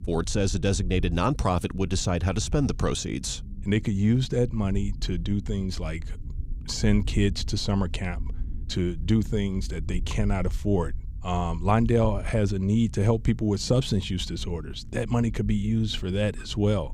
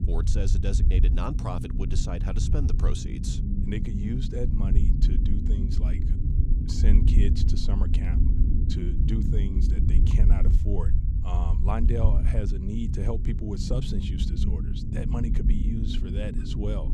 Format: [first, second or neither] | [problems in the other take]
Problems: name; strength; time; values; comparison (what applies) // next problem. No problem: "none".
first | low rumble; loud; throughout; 3 dB below the speech; faint in the first